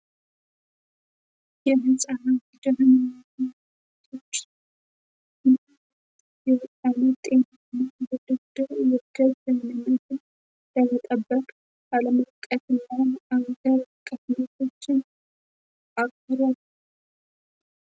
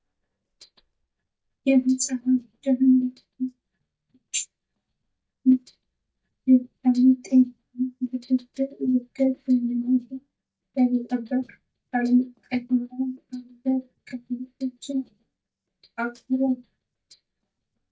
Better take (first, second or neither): first